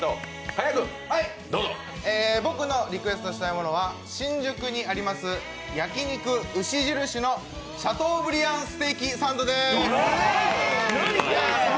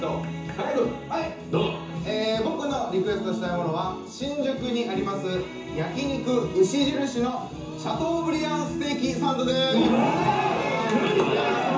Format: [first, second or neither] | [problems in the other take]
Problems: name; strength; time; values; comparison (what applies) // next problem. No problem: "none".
first | room echo; dies away in 0.6 s